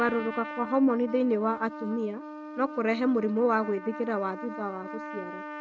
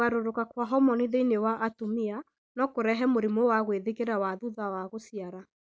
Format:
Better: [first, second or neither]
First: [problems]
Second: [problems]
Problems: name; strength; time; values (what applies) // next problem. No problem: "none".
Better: second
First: noise reduction (neural mask model RNNoise)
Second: none